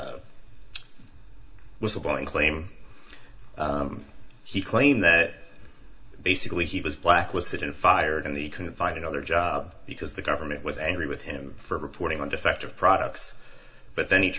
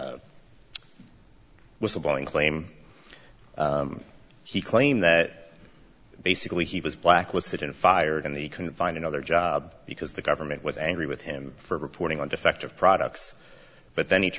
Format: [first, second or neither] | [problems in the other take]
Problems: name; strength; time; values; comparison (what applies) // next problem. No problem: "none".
second | room echo; dies away in 0.2 s